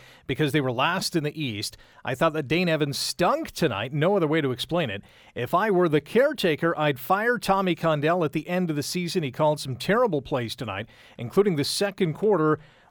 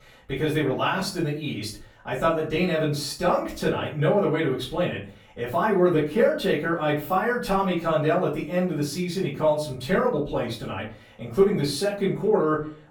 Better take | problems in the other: first | off-mic speech; far // room echo; slight; dies away in 0.3 s

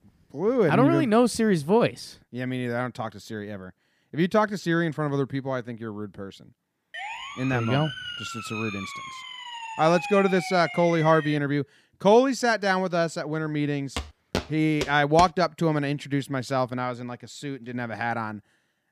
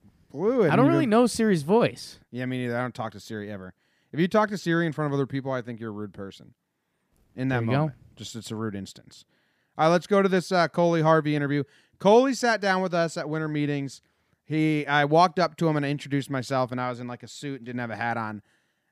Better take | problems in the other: second | siren; noticeable; from 7 to 11 s; peak 7 dB below the speech // footsteps; noticeable; from 14 to 15 s; peak 7 dB below the speech

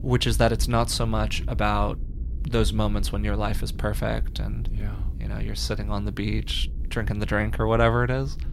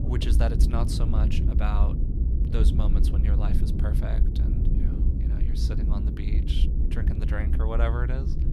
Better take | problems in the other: first | low rumble; loud; throughout; 3 dB below the speech; faint in the first

